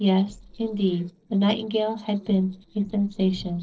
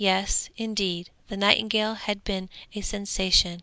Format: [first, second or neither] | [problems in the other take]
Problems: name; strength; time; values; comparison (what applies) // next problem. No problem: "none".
second | noise reduction (neural separator model SepFormer DNS4)